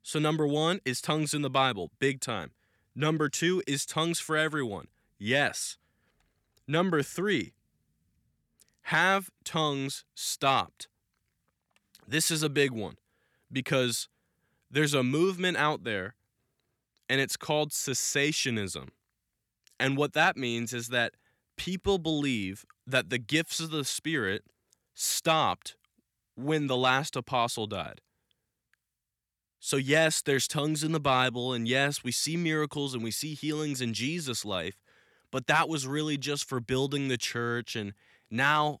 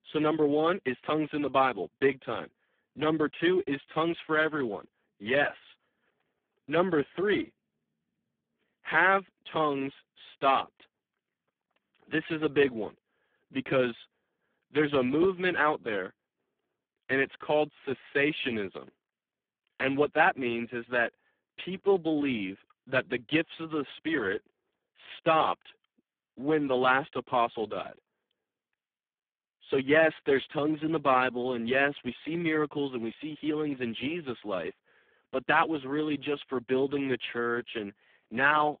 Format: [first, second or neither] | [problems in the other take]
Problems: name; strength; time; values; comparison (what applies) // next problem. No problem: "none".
first | phone-call audio; poor line